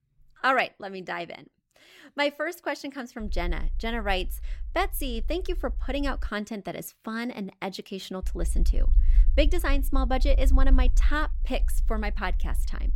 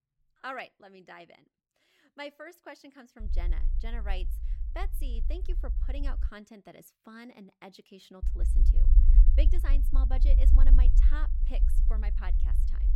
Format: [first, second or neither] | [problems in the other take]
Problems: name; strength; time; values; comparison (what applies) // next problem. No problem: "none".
first | low rumble; loud; from 3 to 6.5 s and from 8 s on; 7 dB below the speech; faint in the first